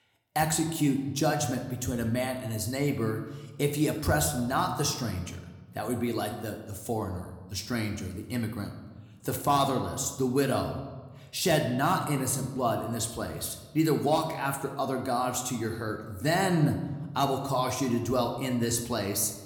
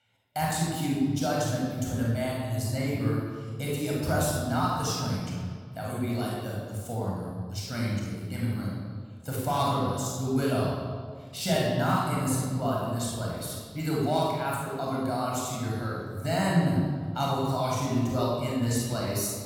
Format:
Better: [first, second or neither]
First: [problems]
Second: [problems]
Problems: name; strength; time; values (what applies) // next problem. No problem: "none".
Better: first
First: room echo; slight; dies away in 0.9 s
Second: room echo; strong; dies away in 1.7 s // off-mic speech; far